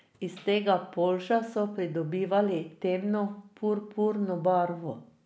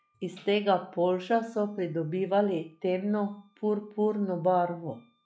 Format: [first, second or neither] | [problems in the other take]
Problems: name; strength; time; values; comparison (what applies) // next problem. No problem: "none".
first | noise reduction (classical method log-MMSE)